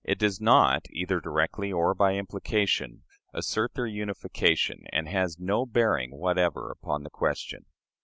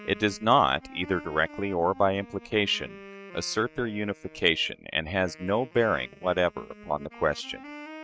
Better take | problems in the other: first | noise reduction (neural mask model RNNoise)

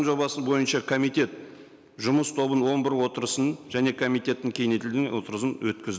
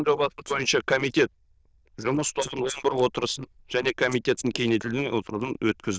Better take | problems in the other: first | noise reduction (neural diffusion model UNIVERSE++)

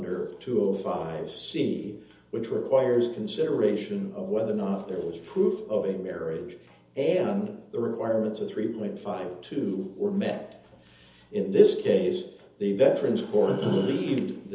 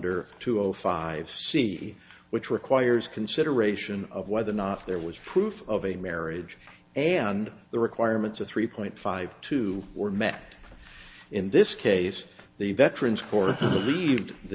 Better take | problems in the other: second | room echo; dies away in 0.7 s

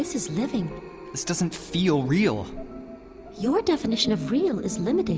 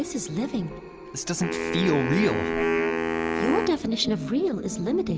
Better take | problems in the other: first | background sound (Wind instrument, woodwind instrument); 3 dB below the speech

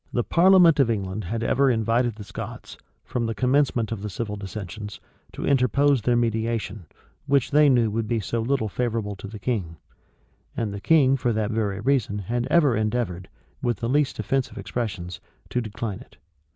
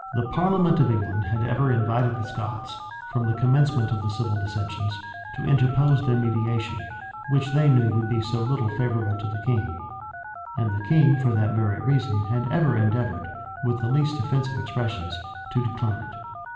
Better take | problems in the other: first | background sound (Telephone); 13 dB below the speech // room echo; dies away in 1.1 s

